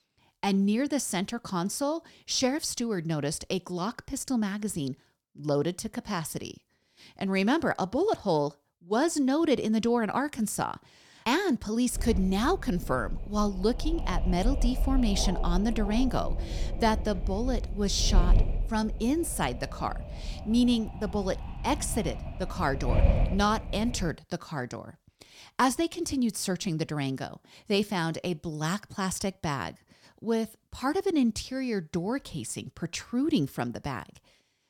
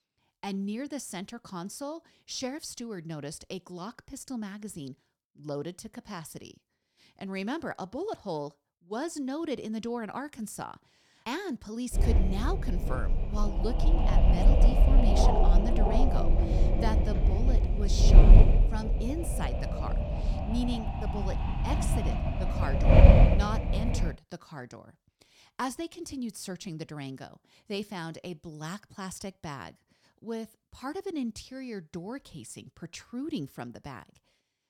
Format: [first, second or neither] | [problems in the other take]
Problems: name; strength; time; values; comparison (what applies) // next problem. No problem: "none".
first | wind noise on the microphone; heavy; from 12 to 24 s; 4 dB above the speech; occasional gusts in the first